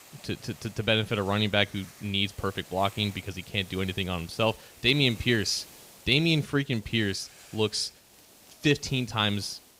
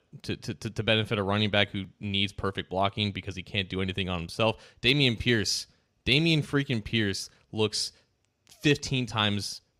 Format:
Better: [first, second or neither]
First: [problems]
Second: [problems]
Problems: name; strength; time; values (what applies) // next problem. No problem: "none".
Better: second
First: hiss; faint; throughout; 20 dB below the speech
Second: none